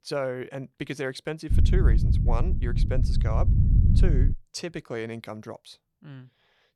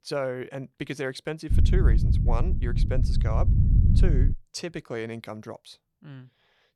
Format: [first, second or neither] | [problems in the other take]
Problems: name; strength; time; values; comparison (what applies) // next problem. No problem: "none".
neither | low rumble; loud; from 1.5 to 4.5 s; 4 dB below the speech; the same in both